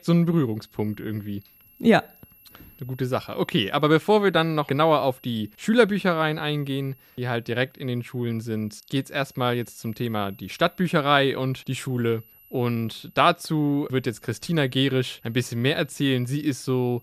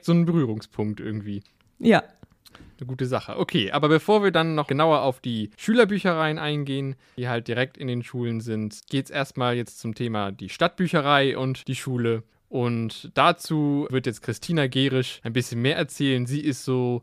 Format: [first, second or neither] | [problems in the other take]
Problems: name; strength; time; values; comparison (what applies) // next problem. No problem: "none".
second | high-pitched whine; faint; throughout; 11.5 kHz, 30 dB below the speech